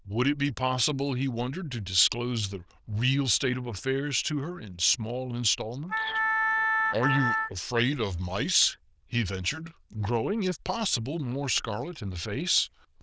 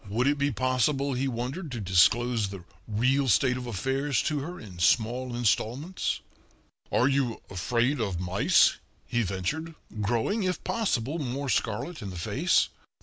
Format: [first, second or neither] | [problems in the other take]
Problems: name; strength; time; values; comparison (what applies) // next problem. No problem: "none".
second | noise reduction (neural diffusion model UNIVERSE++)